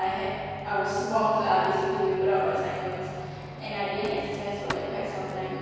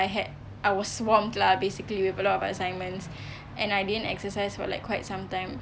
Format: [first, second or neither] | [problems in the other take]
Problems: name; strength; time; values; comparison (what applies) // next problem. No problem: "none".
second | background sound (Writing); 19 dB below the speech // room echo; dies away in 2.2 s